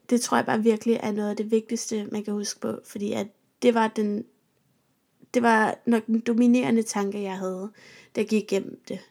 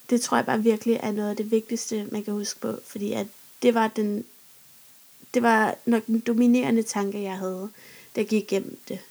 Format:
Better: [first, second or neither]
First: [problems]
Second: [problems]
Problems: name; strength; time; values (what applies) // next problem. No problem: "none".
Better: first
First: none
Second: hiss; faint; throughout; 25 dB below the speech